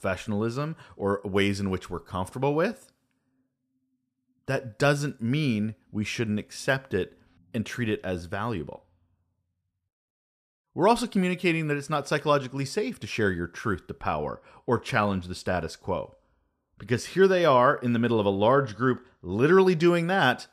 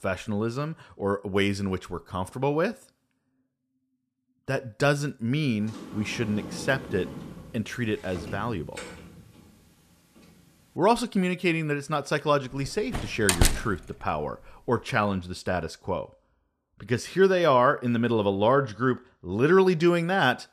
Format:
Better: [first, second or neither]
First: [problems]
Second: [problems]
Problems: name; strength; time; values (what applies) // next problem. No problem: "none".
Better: first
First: none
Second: door banging; faint; from 5.5 to 10 s; peak 10 dB below the speech // door banging; loud; at 13 s; peak 3 dB above the speech